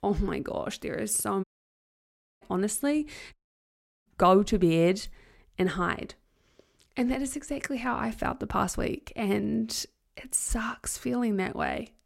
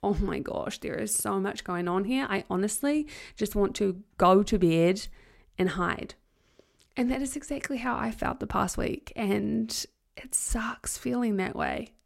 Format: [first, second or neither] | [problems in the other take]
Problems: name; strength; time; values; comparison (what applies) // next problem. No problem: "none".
second | audio cutting out; at 1.5 s for 1 s and at 3.5 s for 0.5 s